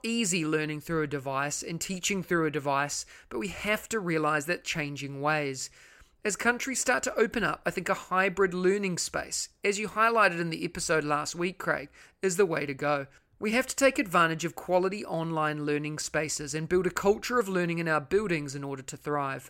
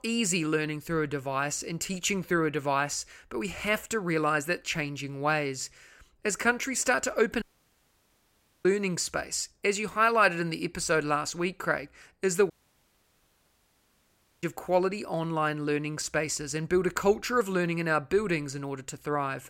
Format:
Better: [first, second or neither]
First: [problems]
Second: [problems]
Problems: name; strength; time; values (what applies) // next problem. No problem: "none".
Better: first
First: none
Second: audio cutting out; at 7.5 s for 1 s and at 13 s for 2 s